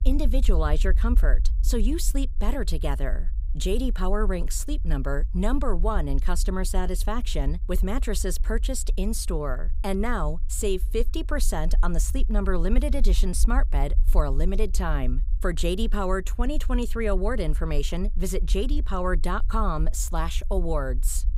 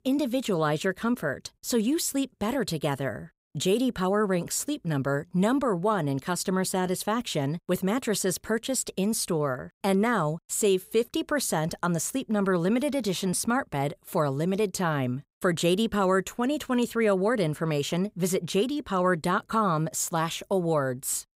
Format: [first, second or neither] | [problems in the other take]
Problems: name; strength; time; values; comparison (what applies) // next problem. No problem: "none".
second | low rumble; faint; throughout; 20 dB below the speech